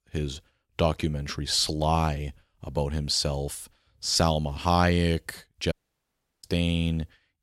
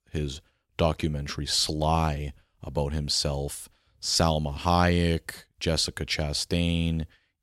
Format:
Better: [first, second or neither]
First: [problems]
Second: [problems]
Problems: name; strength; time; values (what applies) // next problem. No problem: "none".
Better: second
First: audio cutting out; at 5.5 s for 0.5 s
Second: none